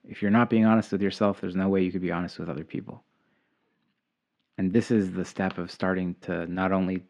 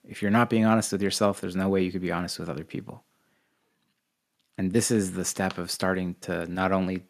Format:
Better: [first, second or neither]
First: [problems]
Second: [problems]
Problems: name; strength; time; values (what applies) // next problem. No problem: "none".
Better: second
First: muffled; slightly; fading above 3 kHz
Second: none